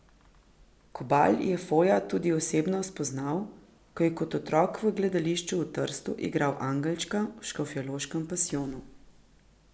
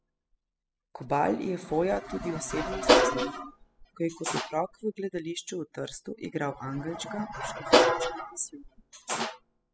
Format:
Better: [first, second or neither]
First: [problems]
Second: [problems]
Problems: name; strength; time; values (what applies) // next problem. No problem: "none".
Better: first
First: none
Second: noise reduction (classical method spectral subtraction)